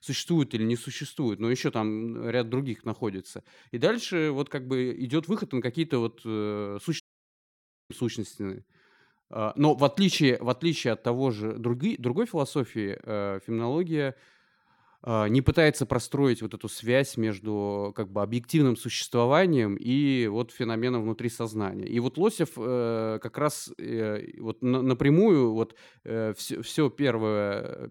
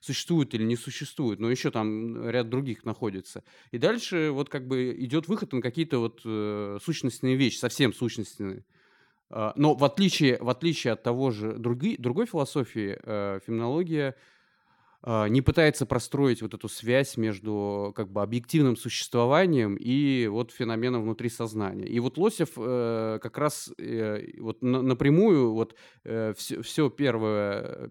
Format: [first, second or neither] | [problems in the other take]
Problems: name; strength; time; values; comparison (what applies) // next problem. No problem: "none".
second | audio cutting out; at 7 s for 1 s